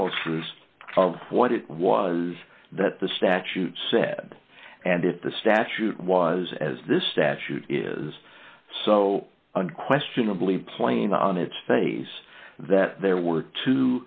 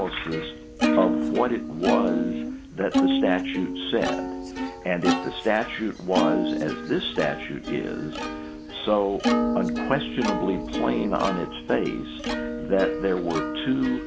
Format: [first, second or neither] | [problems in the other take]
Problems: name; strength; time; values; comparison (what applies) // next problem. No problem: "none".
first | background sound (Plucked string instrument); as loud as the speech